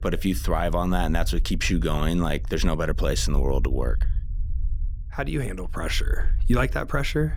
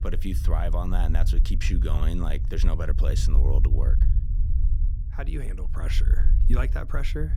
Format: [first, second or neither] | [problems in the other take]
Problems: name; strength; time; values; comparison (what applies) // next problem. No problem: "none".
first | low rumble; loud; throughout; 9 dB below the speech; faint in the first